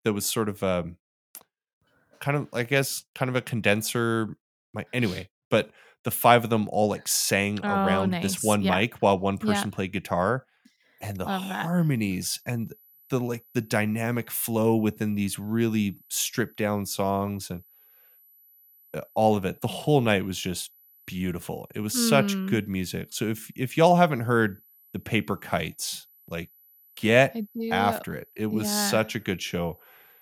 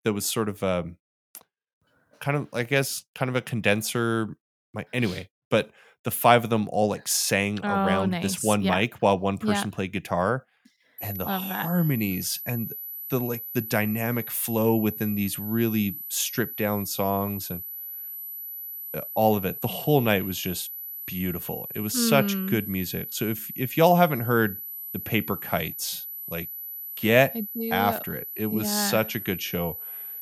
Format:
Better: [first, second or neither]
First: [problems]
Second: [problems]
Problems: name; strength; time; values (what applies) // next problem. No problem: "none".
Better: first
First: high-pitched whine; faint; from 11 s on; 12 kHz, 30 dB below the speech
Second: high-pitched whine; loud; from 11 s on; 12 kHz, 8 dB below the speech